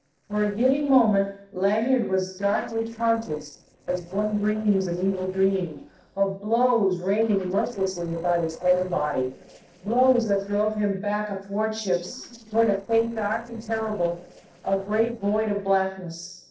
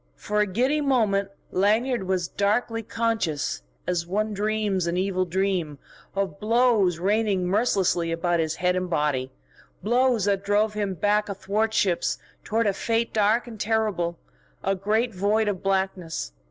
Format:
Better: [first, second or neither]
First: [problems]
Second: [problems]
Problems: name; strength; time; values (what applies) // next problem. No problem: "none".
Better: second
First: noise reduction (neural separator model SepFormer DNS4)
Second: none